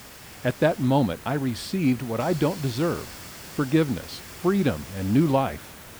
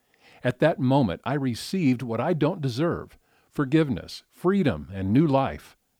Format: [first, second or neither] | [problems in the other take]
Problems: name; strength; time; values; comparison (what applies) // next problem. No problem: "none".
second | hiss; noticeable; throughout; 15 dB below the speech